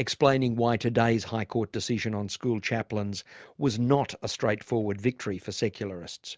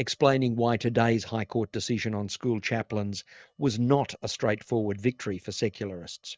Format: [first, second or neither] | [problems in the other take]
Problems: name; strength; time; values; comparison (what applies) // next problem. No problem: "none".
first | noise reduction (neural mask model DeepFilterNet 3)